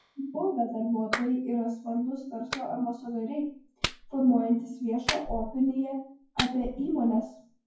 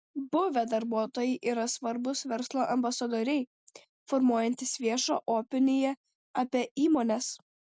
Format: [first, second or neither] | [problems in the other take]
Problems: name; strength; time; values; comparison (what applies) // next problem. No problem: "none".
second | noise reduction (classical method WPE with log-MMSE)